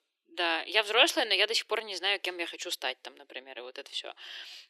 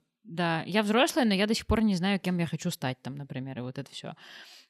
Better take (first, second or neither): second